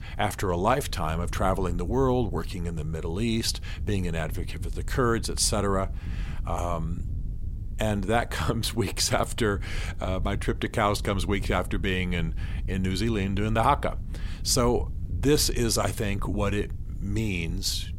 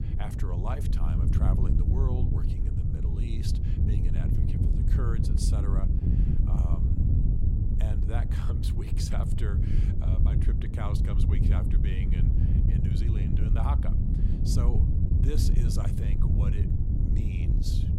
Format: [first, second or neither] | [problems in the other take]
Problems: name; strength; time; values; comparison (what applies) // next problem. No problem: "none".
first | wind noise on the microphone; heavy; 2 dB above the speech; occasional gusts in the first